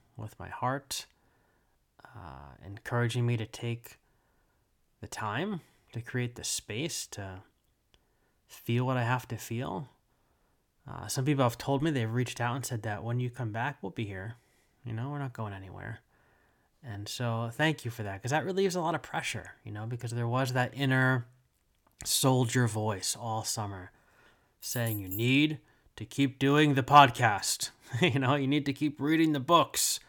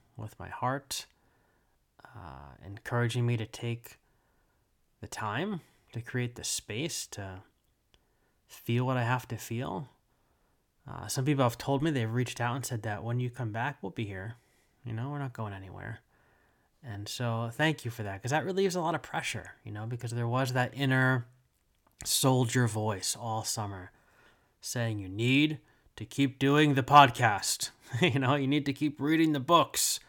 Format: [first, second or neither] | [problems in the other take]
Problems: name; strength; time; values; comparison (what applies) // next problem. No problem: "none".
second | jangling keys; noticeable; at 25 s; peak 8 dB below the speech